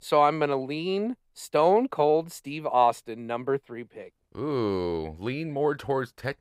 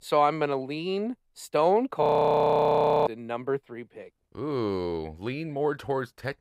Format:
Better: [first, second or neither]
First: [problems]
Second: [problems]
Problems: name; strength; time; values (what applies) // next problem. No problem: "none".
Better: first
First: none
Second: audio freezing; at 2 s for 1 s